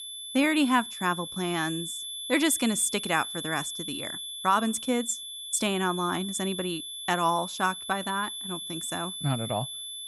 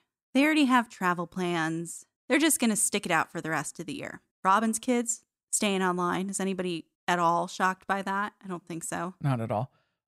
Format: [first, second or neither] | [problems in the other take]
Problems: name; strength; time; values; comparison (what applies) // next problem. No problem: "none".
second | high-pitched whine; loud; throughout; 3.5 kHz, 7 dB below the speech